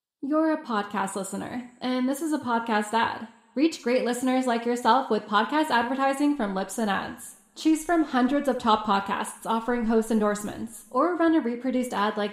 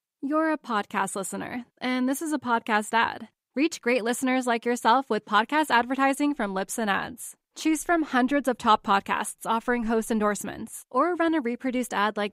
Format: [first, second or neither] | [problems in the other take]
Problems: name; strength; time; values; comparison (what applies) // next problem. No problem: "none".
second | room echo; slight; dies away in 0.6 s